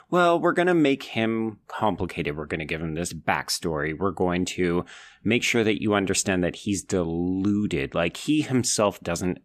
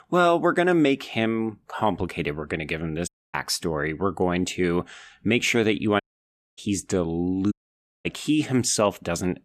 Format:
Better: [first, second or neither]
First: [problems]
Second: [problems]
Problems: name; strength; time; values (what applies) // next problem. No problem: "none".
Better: first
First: none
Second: audio cutting out; at 3 s, at 6 s for 0.5 s and at 7.5 s for 0.5 s